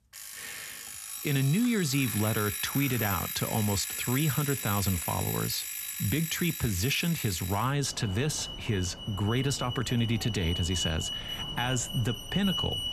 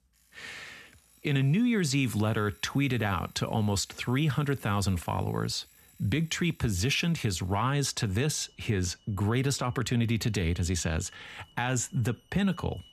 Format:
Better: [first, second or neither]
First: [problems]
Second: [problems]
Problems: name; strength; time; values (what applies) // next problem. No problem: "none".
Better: second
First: alarms or sirens; loud; throughout; 5 dB below the speech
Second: alarms or sirens; faint; throughout; 30 dB below the speech